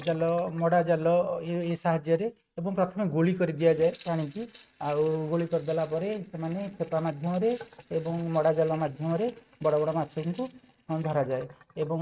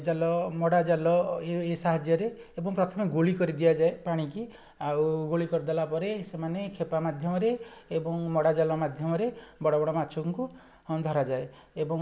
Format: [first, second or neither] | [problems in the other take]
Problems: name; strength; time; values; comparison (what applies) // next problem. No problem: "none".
second | noise reduction (neural mask model RNNoise)